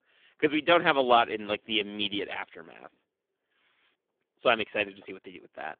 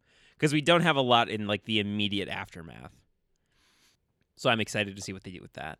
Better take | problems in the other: second | phone-call audio; poor line; nothing above 3.5 kHz

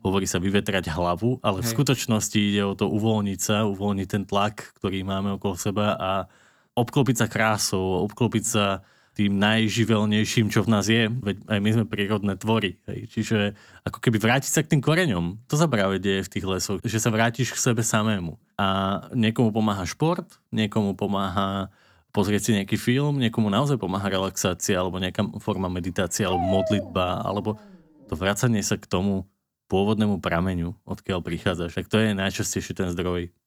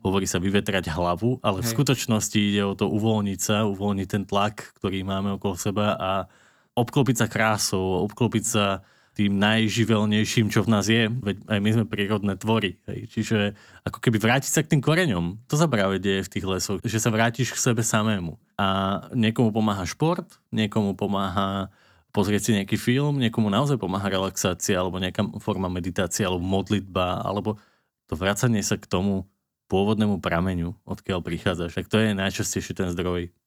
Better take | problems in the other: second | dog barking; noticeable; from 26 to 28 s; peak 2 dB below the speech

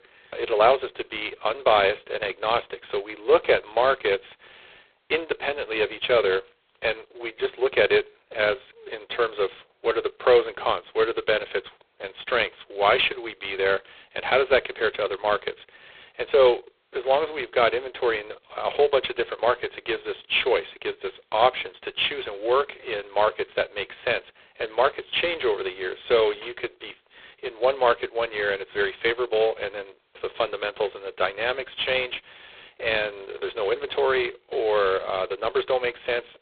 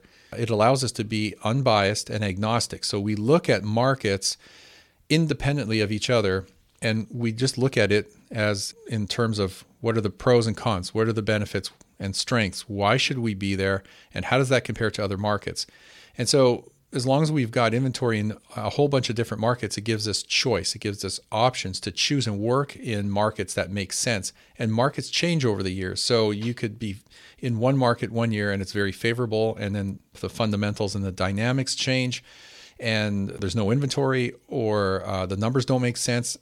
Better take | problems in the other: second | phone-call audio; poor line; nothing above 4 kHz

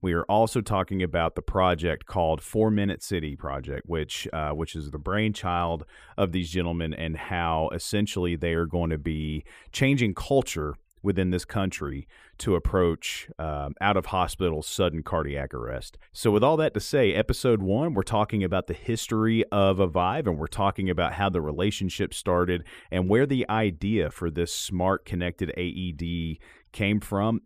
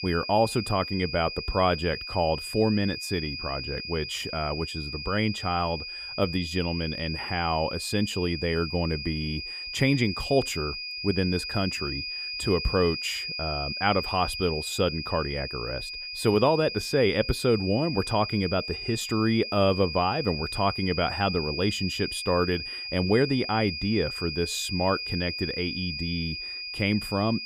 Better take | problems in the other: first | high-pitched whine; loud; throughout; 5 kHz, 5 dB below the speech

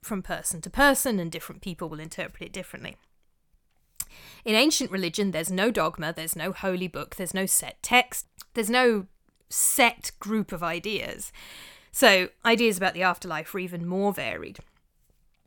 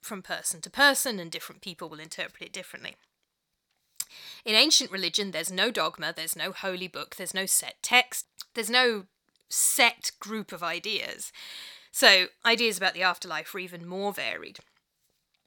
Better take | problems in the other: first | thin; very slightly; fading below 750 Hz

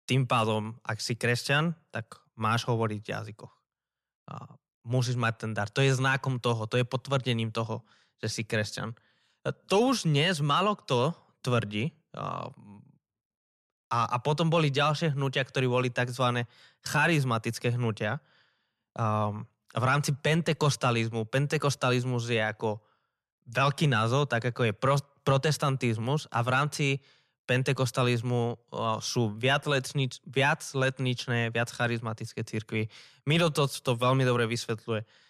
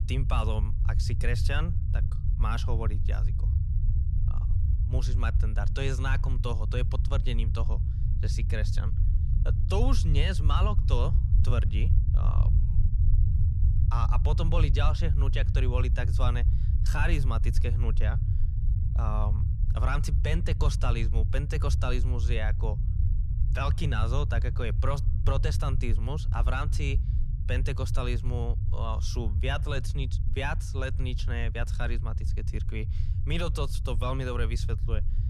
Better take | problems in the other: first | low rumble; loud; throughout; 9 dB below the speech

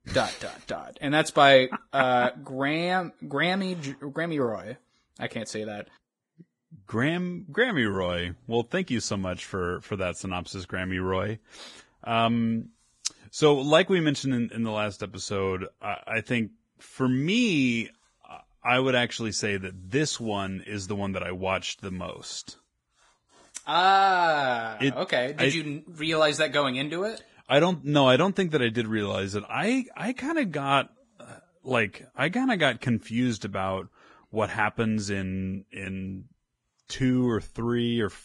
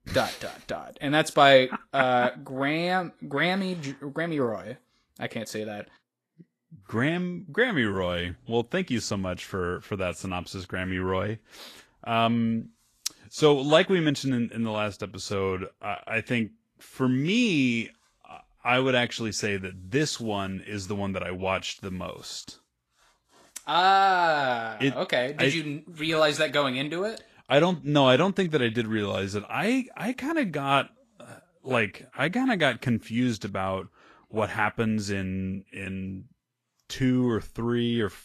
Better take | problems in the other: second | garbled, watery; badly; nothing above 10.5 kHz; slightly in the second

